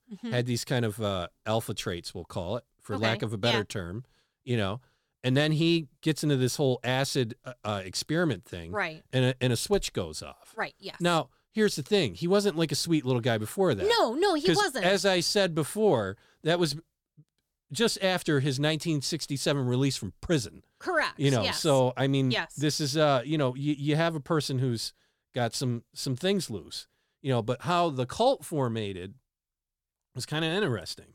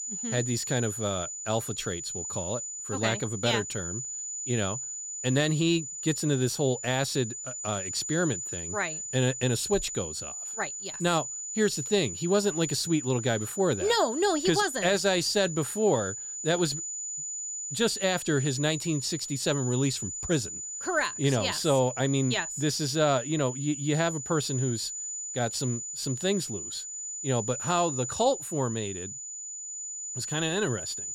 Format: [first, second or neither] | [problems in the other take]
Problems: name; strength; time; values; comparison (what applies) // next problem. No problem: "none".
first | high-pitched whine; loud; throughout; 7 kHz, 6 dB below the speech